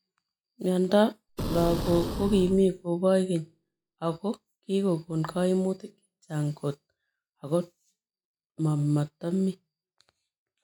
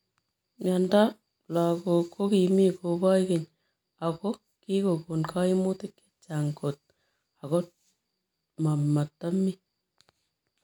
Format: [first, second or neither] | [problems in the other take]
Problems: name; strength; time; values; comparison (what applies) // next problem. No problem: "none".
second | noise reduction (classical method log-MMSE)